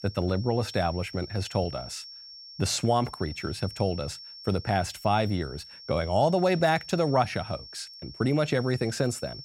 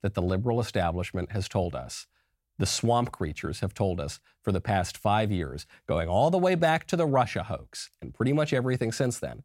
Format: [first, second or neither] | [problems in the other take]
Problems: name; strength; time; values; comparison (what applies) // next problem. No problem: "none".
second | high-pitched whine; noticeable; throughout; 5.5 kHz, 15 dB below the speech